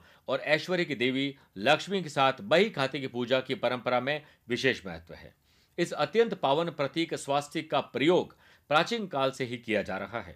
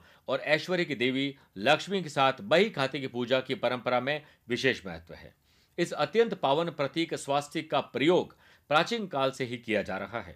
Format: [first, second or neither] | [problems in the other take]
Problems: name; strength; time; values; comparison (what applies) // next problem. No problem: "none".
neither | none